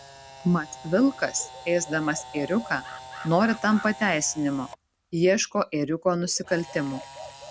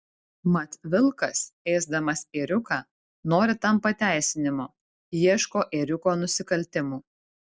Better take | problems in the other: second | background sound (Animal + Camera); 16 dB below the speech

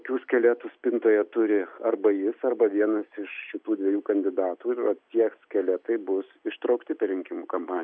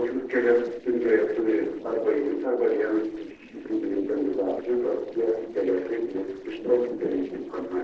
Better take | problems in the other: first | noise reduction (neural separator model SepFormer DNS4)

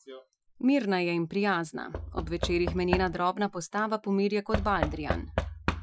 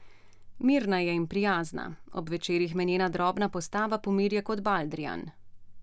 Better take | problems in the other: second | noise reduction (classical method Wiener filter)

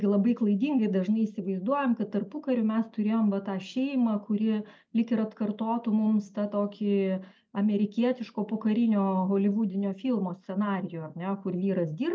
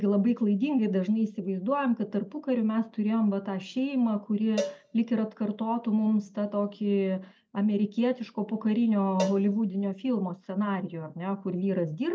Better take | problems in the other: first | background sound (Cowbell); 12 dB below the speech

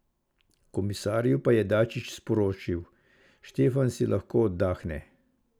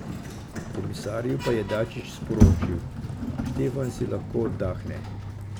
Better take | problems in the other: first | background sound (Sliding door); 3 dB above the speech

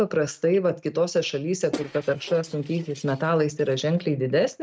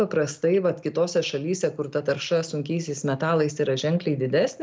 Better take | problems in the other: second | noise reduction (neural mask model RNNoise)

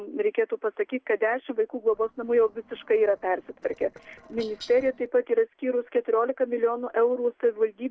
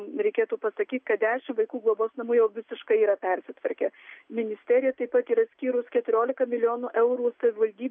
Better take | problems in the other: second | noise reduction (neural separator model SepFormer DNS4)

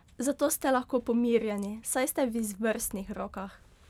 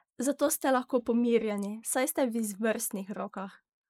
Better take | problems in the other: first | noise reduction (neural mask model Resemble Enhance denoiser)

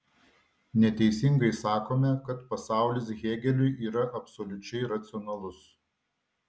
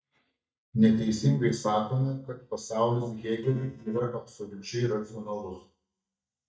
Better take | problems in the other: first | noise reduction (neural mask model DeepFilterNet 3)

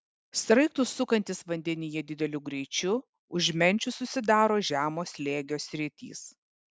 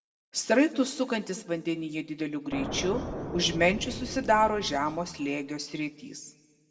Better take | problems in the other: first | background sound (Explosion); 8 dB below the speech // room echo; dies away in 1 s

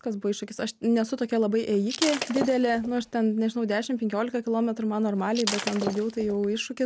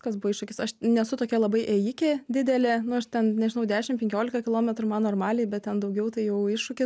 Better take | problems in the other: second | background sound (Shatter); 8 dB below the speech

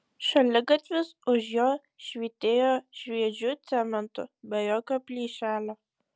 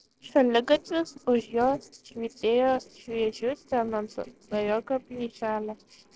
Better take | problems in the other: first | noise reduction (neural separator model SepFormer DNS4)

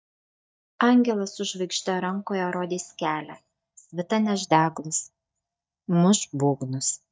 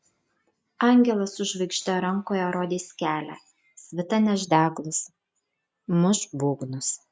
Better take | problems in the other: second | noise reduction (neural mask model DeepFilterNet 3)

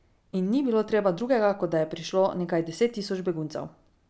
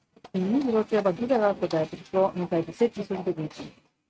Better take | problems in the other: first | noise reduction (neural mask model RNNoise)

